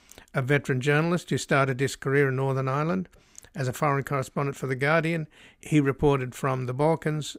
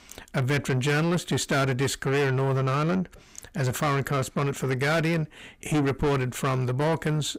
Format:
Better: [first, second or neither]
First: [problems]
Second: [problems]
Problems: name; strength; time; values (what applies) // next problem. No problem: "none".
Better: first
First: none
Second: distortion; heavy; 7 dB below the speech